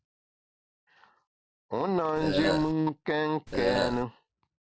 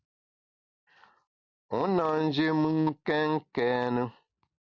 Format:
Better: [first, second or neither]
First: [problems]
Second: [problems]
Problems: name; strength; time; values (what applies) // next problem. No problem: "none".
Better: second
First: background sound (Burping, eructation); 1 dB above the speech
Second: none